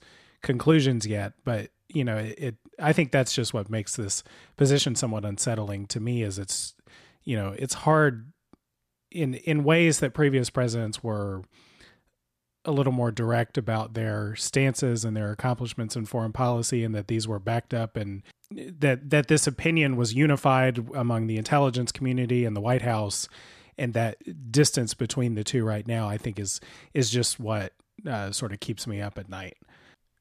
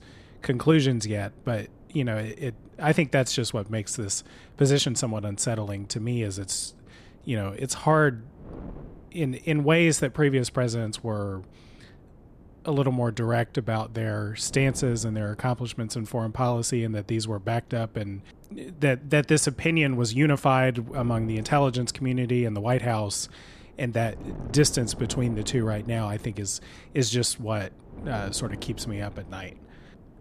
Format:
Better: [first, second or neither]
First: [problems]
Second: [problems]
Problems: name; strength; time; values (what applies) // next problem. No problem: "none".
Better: first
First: none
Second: wind noise on the microphone; occasional gusts; 25 dB below the speech